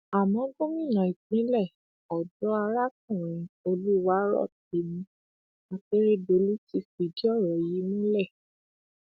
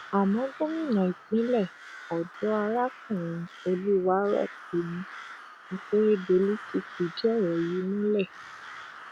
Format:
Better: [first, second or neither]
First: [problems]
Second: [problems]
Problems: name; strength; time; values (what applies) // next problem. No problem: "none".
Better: first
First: none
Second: background sound (Crow); 17 dB below the speech